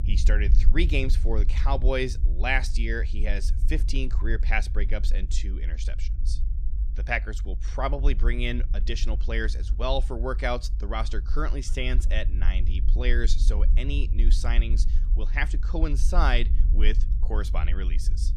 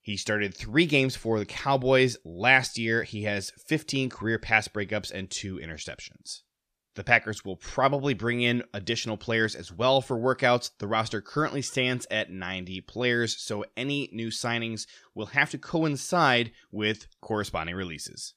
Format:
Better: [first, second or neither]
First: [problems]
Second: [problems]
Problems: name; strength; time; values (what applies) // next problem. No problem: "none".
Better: second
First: low rumble; noticeable; throughout; 15 dB below the speech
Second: none